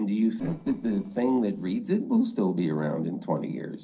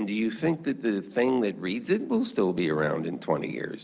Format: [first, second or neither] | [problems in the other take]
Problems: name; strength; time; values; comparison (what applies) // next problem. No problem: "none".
second | noise reduction (neural separator model SepFormer DNS4)